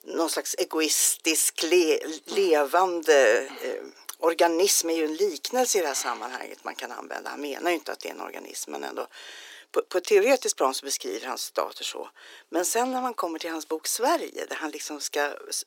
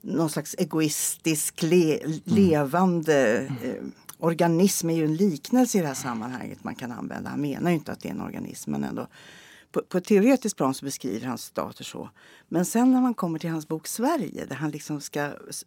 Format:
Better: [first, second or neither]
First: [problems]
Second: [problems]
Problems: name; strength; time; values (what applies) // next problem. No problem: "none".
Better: second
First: thin; very; fading below 350 Hz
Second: none